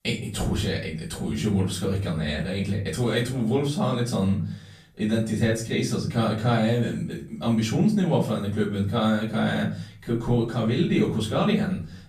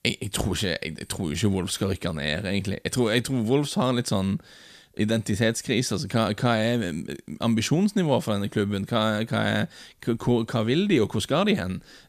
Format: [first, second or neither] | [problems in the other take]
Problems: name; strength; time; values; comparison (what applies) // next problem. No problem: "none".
second | off-mic speech; far // room echo; slight; dies away in 0.5 s